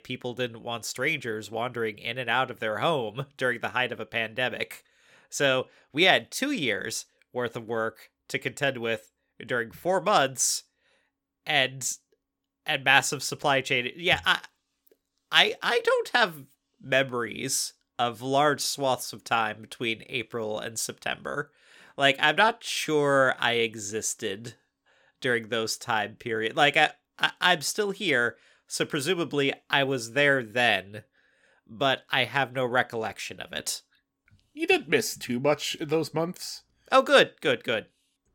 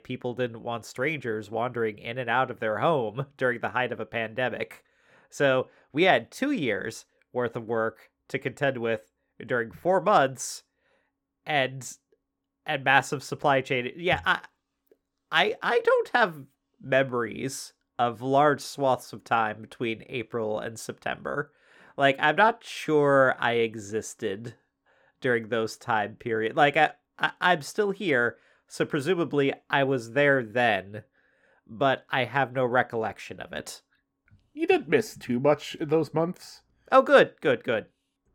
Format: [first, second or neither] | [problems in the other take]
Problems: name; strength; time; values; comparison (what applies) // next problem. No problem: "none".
first | muffled; slightly; fading above 2.5 kHz